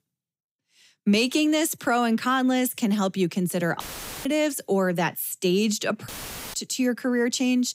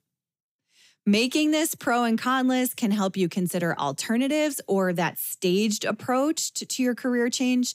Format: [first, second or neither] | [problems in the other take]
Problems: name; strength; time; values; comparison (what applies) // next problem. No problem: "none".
second | audio cutting out; filled with static; at 4 s and at 6 s